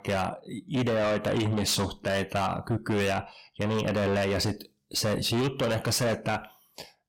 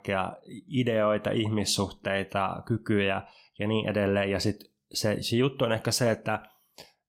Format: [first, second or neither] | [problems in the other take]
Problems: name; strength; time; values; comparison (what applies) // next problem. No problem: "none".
second | distortion; heavy; 7 dB below the speech